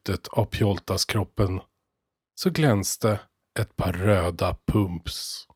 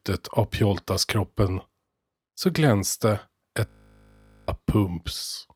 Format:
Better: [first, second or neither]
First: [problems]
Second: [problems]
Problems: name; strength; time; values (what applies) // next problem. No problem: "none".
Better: first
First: none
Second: audio freezing; at 3.5 s for 1 s